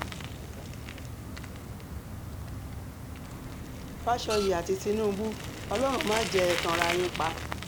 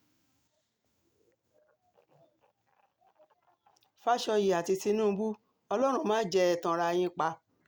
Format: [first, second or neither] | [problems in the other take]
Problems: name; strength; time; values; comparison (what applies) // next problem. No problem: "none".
second | background sound (Bicycle + Printer); 4 dB below the speech